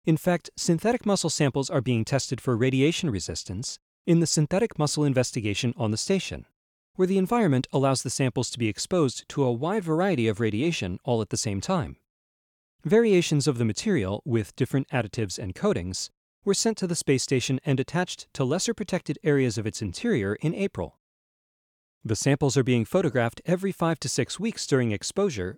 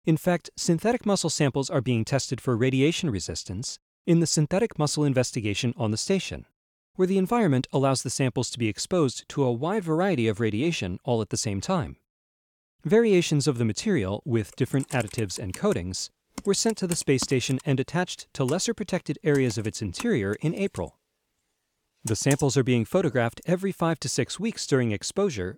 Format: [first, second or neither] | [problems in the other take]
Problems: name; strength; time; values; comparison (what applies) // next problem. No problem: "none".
first | keyboard typing; noticeable; from 15 to 22 s; peak 8 dB below the speech